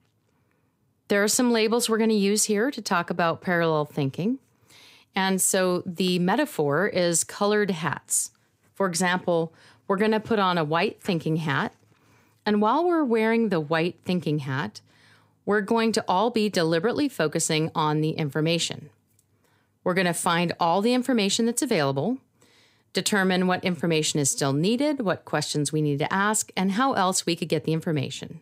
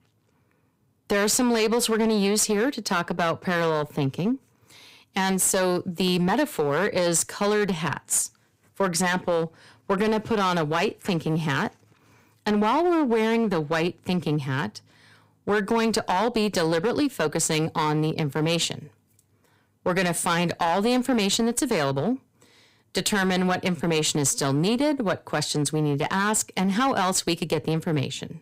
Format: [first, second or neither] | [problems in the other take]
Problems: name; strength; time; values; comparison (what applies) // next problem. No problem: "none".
first | distortion; slight; 8% of the sound clipped